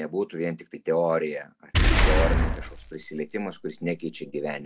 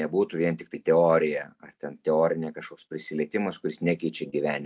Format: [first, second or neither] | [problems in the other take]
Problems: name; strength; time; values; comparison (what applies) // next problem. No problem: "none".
second | background sound (Boom); 5 dB above the speech